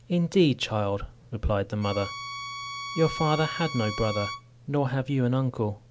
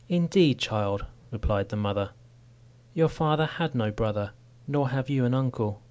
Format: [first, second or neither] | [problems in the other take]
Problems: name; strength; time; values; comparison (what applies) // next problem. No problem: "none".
second | background sound (Bowed string instrument); 10 dB below the speech